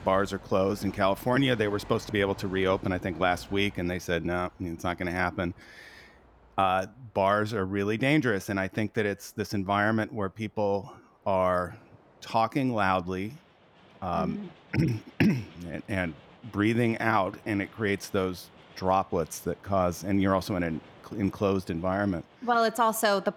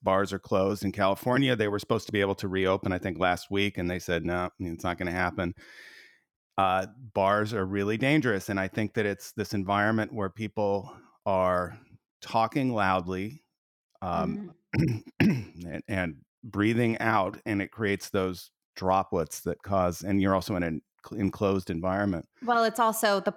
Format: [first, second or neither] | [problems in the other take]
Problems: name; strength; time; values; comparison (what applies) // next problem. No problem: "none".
second | train or aircraft noise; faint; throughout; 25 dB below the speech